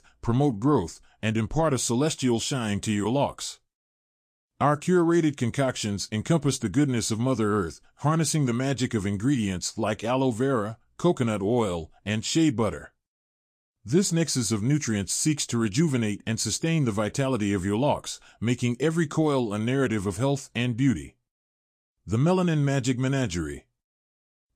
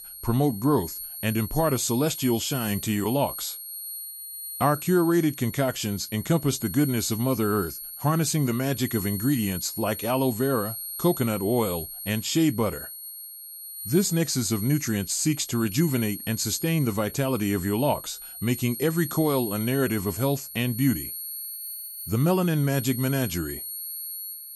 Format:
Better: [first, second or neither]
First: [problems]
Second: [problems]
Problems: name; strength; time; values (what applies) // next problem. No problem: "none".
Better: first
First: none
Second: high-pitched whine; loud; throughout; 11.5 kHz, 9 dB below the speech